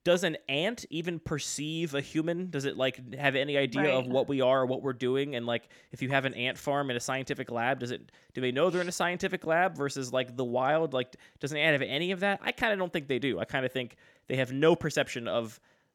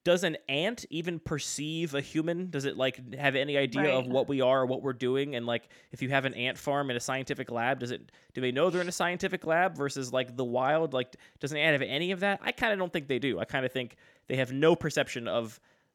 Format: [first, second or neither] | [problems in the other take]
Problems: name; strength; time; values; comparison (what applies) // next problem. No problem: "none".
second | rain or running water; very faint; throughout; 30 dB below the speech